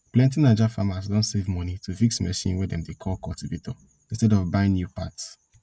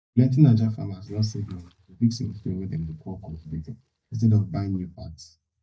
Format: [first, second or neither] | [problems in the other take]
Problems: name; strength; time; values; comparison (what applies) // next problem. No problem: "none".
first | noise reduction (neural mask model DeepFilterNet 3)